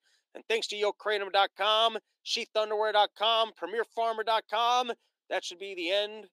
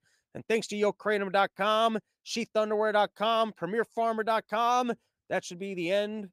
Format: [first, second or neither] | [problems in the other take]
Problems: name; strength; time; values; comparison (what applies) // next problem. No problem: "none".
second | thin; somewhat; fading below 300 Hz